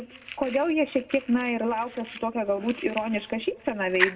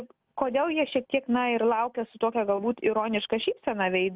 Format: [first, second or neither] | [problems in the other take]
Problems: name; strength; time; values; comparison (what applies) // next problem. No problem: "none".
second | background sound (Fire); 9 dB below the speech // room echo; dies away in 0.2 s